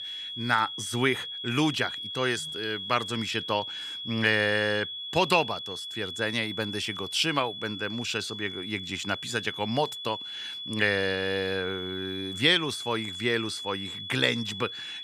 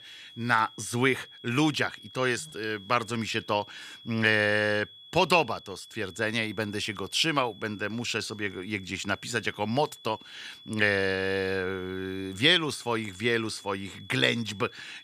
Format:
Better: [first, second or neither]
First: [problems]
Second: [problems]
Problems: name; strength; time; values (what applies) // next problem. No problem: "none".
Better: second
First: high-pitched whine; loud; throughout; 3.5 kHz, 7 dB below the speech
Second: high-pitched whine; faint; throughout; 3.5 kHz, 20 dB below the speech